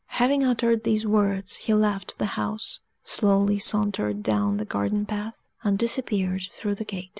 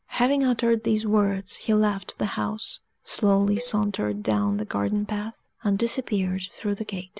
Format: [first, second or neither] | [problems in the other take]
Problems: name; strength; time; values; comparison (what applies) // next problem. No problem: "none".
first | background sound (Cowbell); 20 dB below the speech